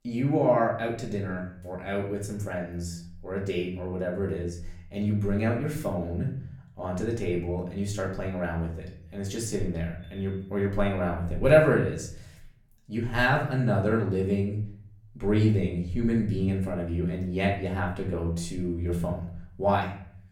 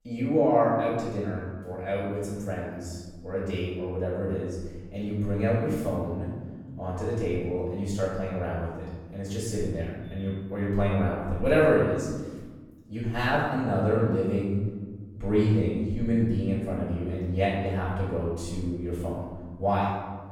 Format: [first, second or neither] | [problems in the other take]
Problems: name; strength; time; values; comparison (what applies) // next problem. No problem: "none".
first | room echo; strong; dies away in 1.4 s; slight in the first // off-mic speech; far; far in the first